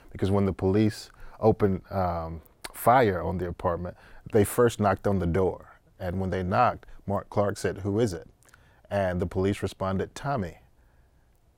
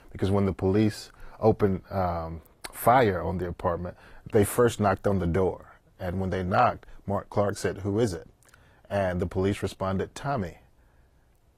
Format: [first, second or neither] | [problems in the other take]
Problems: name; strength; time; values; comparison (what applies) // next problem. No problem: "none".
first | garbled, watery; slightly; nothing above 14.5 kHz